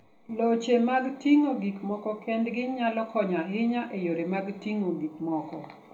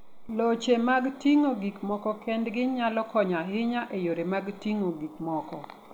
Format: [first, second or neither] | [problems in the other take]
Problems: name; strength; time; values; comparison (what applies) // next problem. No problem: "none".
second | room echo; dies away in 0.3 s